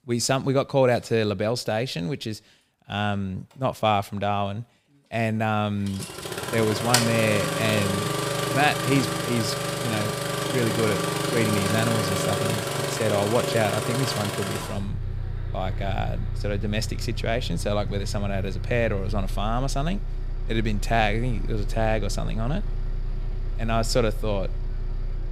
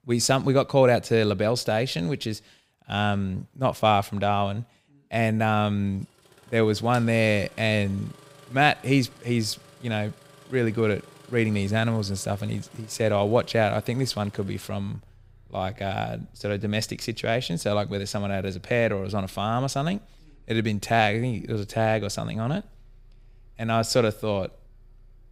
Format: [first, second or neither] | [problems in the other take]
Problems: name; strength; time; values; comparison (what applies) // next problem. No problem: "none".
second | traffic noise; loud; throughout; 2 dB below the speech; faint in the second